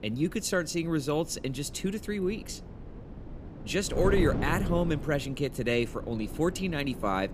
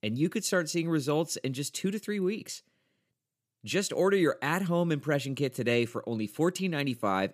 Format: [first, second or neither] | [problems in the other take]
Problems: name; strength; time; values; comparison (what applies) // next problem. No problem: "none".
second | wind noise on the microphone; occasional gusts; 15 dB below the speech